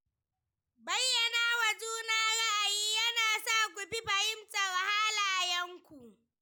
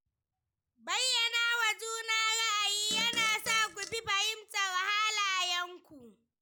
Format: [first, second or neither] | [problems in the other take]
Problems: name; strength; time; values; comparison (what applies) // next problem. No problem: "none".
first | background sound (Fart); 13 dB below the speech